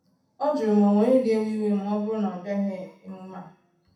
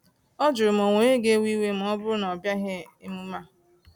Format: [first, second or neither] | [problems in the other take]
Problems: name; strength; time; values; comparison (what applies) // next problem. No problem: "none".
second | room echo; dies away in 0.7 s